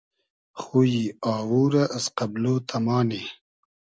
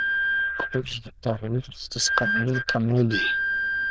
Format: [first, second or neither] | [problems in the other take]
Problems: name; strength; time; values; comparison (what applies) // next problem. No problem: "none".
first | noise reduction (neural diffusion model UNIVERSE++)